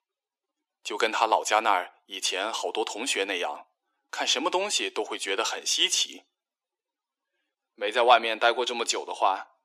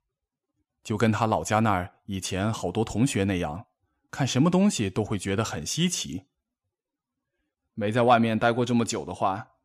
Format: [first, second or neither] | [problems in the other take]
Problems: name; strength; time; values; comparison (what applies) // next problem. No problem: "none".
second | thin; very; fading below 350 Hz